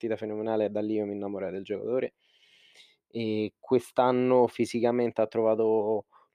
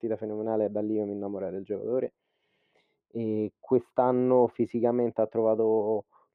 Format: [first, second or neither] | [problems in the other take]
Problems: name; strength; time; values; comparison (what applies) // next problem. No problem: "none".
first | muffled; very; fading above 2 kHz